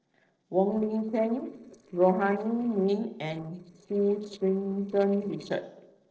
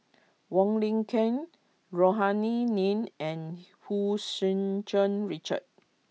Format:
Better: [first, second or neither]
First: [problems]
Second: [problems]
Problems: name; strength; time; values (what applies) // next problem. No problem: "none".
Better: second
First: noise reduction (neural separator model SepFormer DNS4)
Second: none